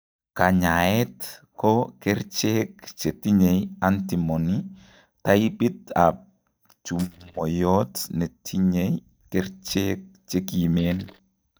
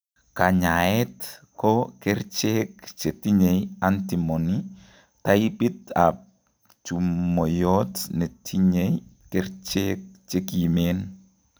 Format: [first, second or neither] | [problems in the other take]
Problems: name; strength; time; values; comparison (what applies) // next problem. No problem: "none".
second | noise reduction (neural mask model DeepFilterNet 3)